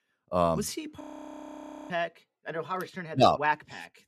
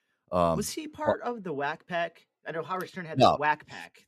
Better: second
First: audio freezing; at 1 s for 1 s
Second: none

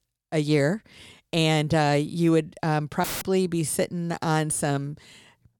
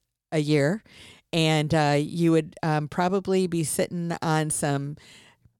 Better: second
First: audio cutting out; filled with static; at 3 s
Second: none

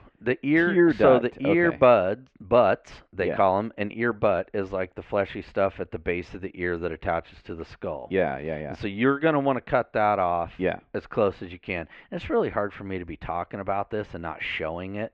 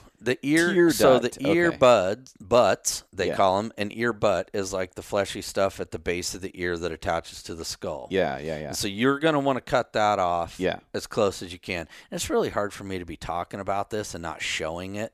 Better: second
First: muffled; very; fading above 2.5 kHz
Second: none

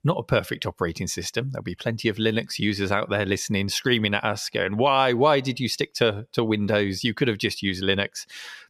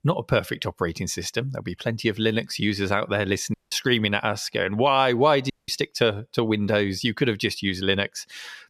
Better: first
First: none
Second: audio cutting out; at 3.5 s and at 5.5 s

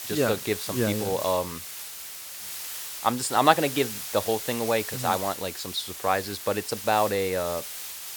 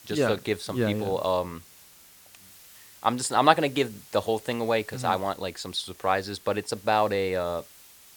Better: second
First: hiss; loud; throughout; 7 dB below the speech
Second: hiss; faint; throughout; 20 dB below the speech

